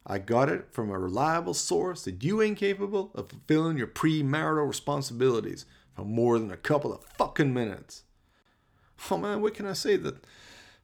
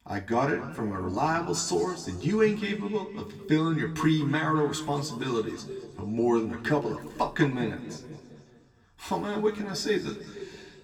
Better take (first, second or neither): first